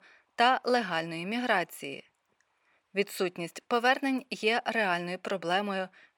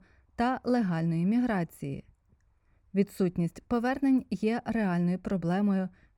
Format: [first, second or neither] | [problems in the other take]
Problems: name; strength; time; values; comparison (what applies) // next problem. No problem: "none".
second | thin; very; fading below 550 Hz